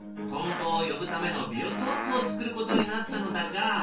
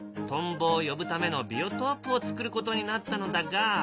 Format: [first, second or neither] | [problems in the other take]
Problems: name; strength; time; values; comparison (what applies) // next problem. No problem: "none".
second | background sound (Fart); 6 dB below the speech // room echo; dies away in 0.3 s